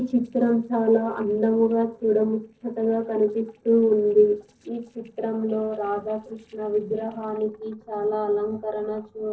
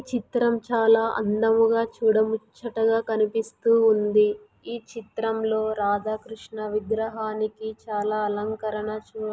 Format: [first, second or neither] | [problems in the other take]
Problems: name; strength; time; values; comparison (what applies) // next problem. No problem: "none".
second | noise reduction (neural separator model SepFormer DNS4)